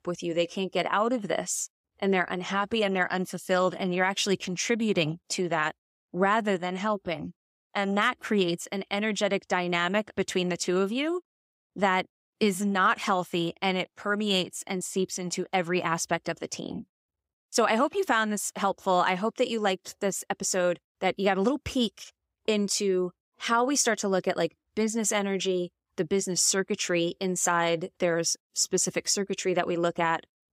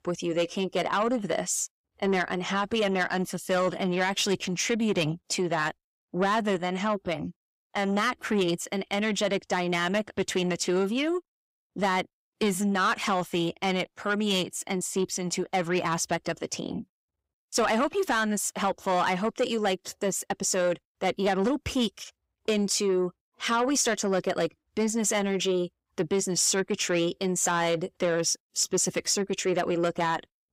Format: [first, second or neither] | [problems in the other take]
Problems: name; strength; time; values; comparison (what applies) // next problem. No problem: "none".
first | distortion; slight; 10 dB below the speech